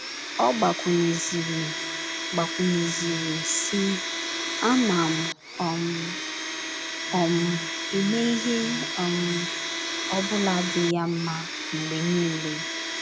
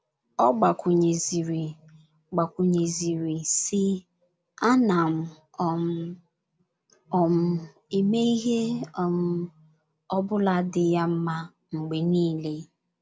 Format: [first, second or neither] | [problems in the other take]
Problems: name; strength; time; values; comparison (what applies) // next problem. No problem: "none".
second | background sound (Domestic sounds, home sounds); 4 dB below the speech